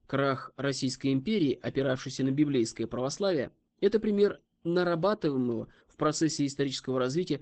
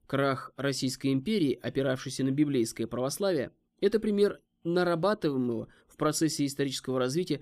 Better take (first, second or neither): second